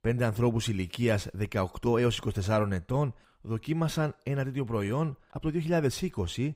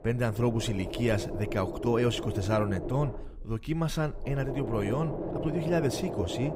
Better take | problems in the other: first | low rumble; loud; throughout; 5 dB below the speech

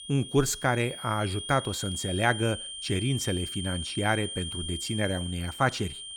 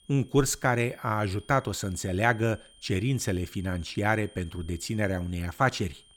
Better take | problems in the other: second | high-pitched whine; loud; throughout; 3 kHz, 7 dB below the speech; faint in the second

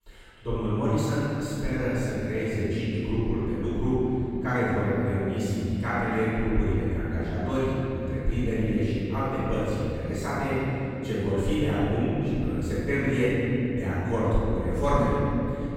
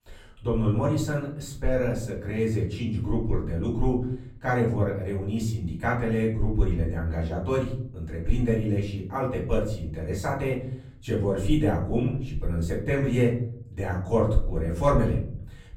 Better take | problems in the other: second | room echo; strong; dies away in 3 s; slight in the second // off-mic speech; far; far in the second

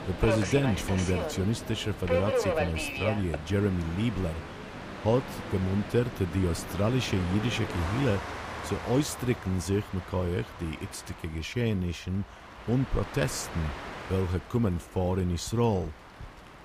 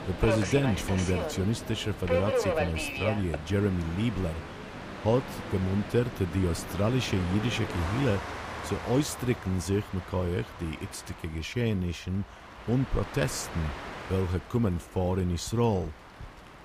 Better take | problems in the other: neither | train or aircraft noise; loud; throughout; 6 dB below the speech; the same in both

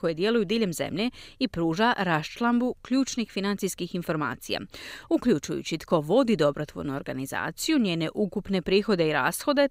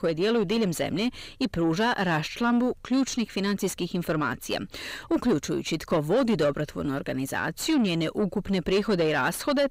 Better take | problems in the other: first | distortion; slight; 10 dB below the speech

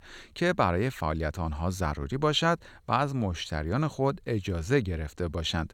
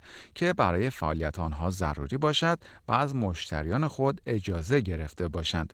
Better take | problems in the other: first | garbled, watery; slightly

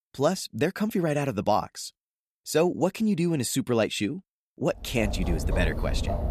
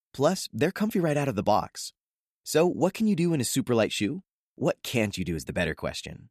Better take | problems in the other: second | animal sounds; very faint; from 5 s on; 4 dB below the speech

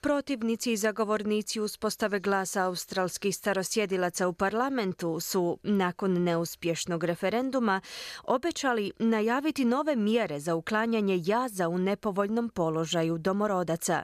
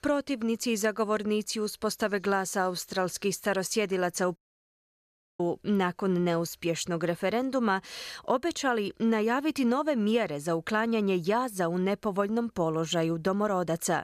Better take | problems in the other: first | audio cutting out; at 4.5 s for 1 s

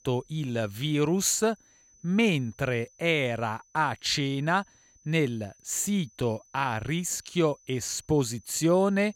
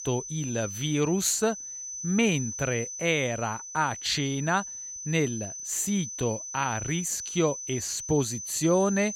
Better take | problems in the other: first | high-pitched whine; loud; throughout; 6 kHz, 7 dB below the speech; faint in the first

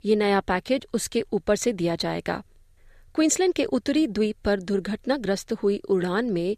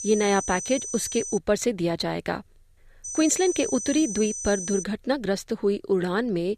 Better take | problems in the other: first | high-pitched whine; loud; until 1.5 s and from 3 to 5 s; 6 kHz, 6 dB below the speech

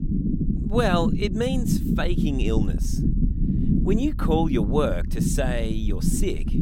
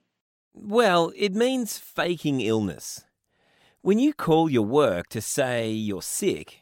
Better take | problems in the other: second | low rumble; loud; throughout; 6 dB below the speech

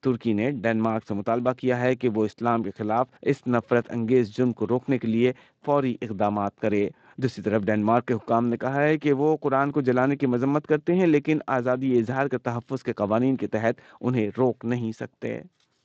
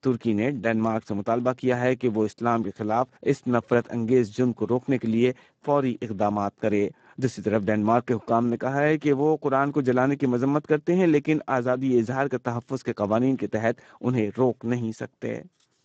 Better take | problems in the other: first | garbled, watery; badly; slightly in the first

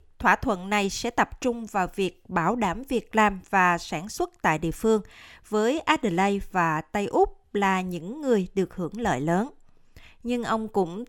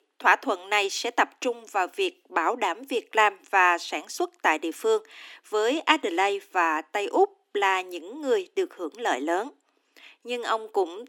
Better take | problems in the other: first | thin; somewhat; fading below 250 Hz

